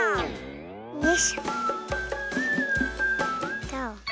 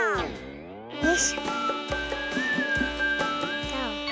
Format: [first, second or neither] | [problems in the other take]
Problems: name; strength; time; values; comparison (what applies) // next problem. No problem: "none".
first | background sound (Bowed string instrument); 7 dB below the speech